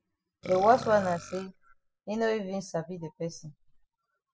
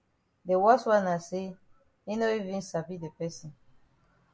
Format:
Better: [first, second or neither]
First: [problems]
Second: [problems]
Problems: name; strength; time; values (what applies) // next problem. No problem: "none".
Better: second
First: noise reduction (classical method spectral subtraction)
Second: none